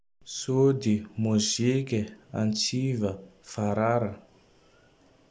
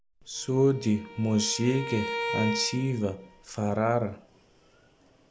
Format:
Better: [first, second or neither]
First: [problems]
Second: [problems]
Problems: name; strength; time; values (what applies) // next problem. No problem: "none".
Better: first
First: none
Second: background sound (Bowed string instrument); 8 dB below the speech